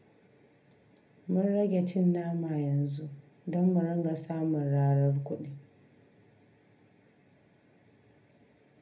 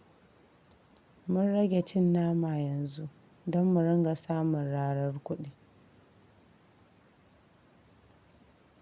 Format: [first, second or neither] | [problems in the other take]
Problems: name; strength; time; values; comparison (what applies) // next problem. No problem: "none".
second | room echo; dies away in 0.3 s